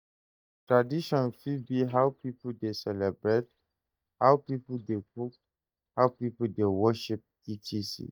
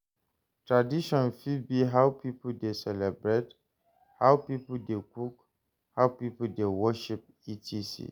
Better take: second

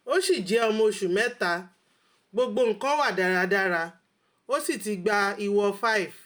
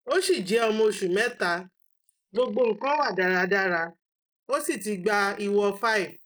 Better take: first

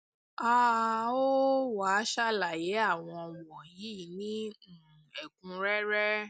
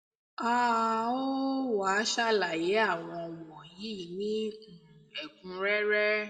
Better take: first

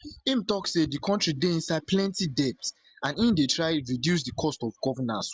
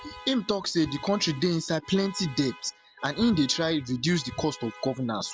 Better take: first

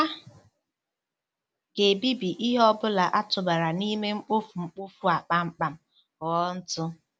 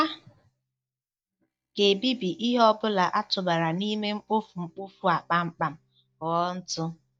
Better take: first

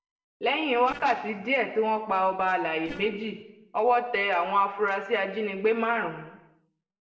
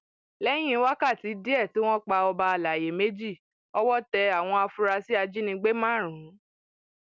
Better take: second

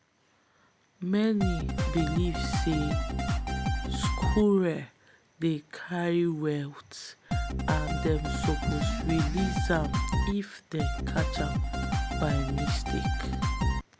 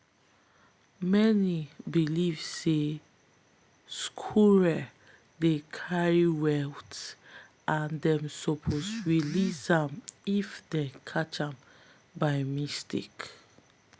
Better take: second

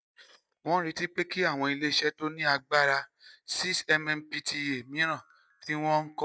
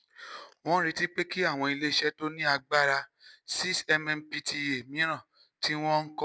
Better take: second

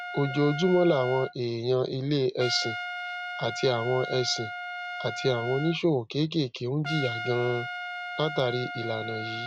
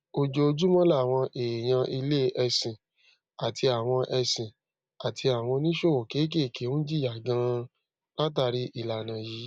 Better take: second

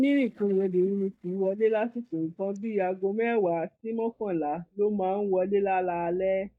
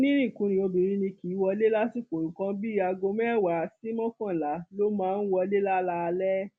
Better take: second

